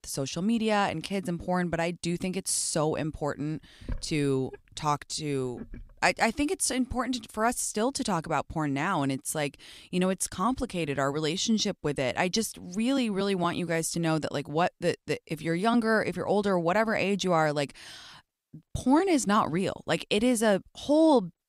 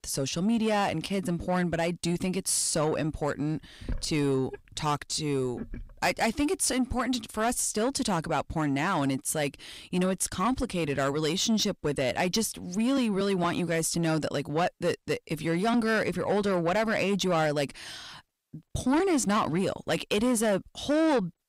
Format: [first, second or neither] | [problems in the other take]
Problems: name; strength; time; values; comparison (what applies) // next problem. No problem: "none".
first | distortion; slight; 10 dB below the speech